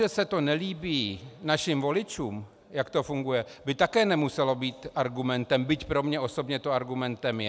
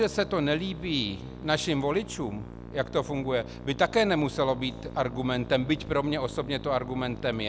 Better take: first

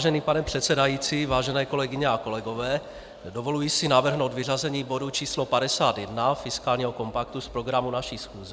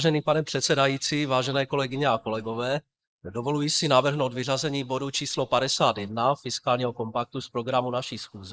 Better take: first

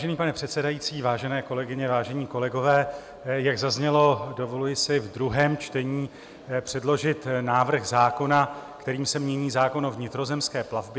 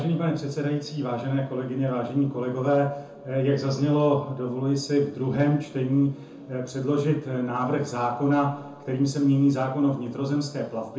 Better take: first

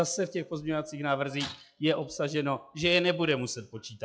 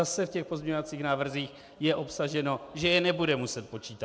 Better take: second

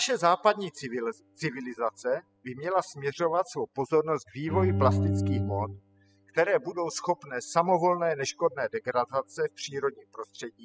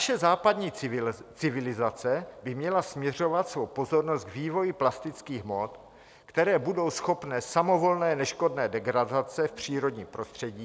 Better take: second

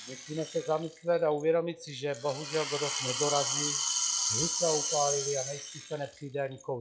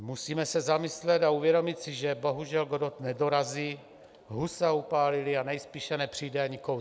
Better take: second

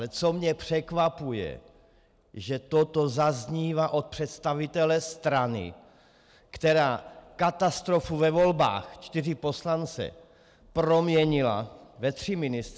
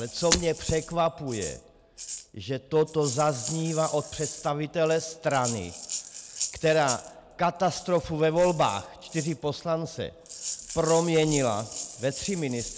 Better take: first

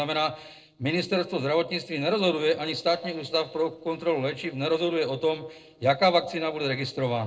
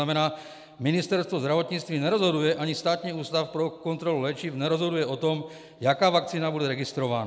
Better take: second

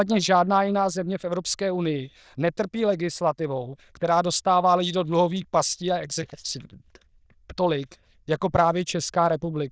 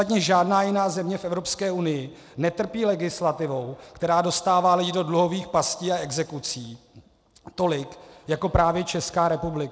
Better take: second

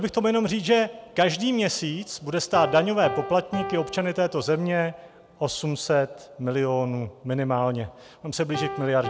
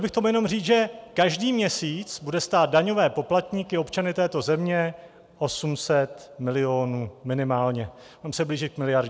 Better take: second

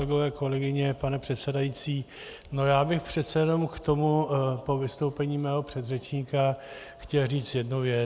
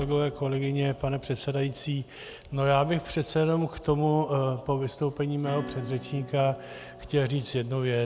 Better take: first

